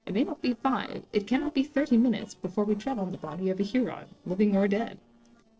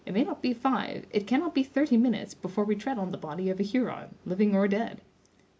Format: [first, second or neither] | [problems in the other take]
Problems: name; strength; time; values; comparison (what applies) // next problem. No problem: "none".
second | noise reduction (neural separator model SepFormer DNS4)